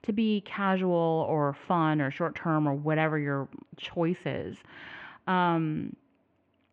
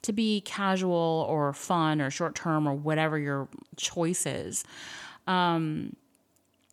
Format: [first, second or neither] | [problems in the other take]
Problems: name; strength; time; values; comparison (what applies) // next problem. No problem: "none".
second | muffled; very; fading above 2.5 kHz